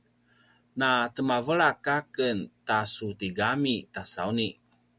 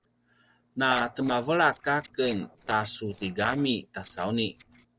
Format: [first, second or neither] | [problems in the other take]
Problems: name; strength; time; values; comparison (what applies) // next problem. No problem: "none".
first | noise reduction (neural separator model SepFormer DNS4)